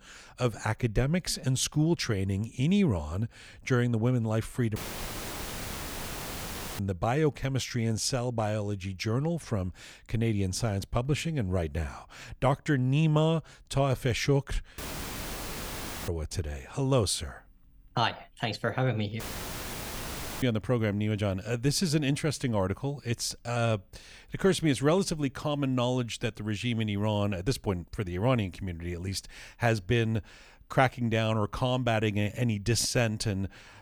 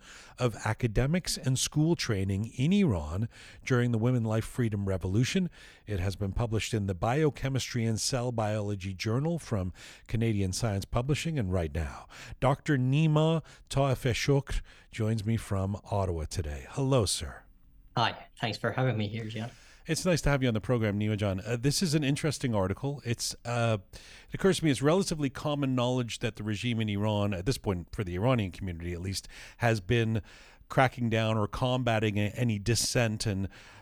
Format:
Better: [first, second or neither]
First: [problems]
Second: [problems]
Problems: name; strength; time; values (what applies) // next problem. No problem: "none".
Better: second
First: audio cutting out; filled with static; at 5 s for 2 s, at 15 s for 1.5 s and at 19 s for 1 s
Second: none